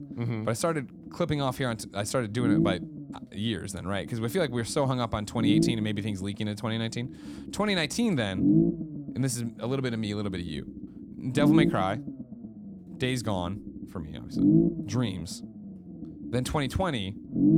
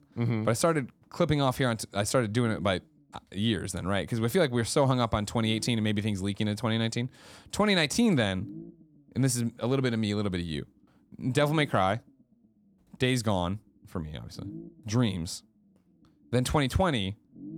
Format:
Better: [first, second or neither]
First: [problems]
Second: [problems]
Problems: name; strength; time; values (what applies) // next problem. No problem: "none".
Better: second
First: low rumble; loud; throughout; 1 dB below the speech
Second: low rumble; faint; throughout; 25 dB below the speech